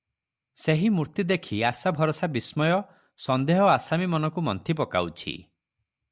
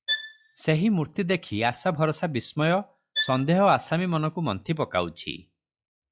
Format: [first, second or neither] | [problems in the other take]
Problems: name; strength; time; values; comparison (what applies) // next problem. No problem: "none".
first | noise reduction (classical method log-MMSE)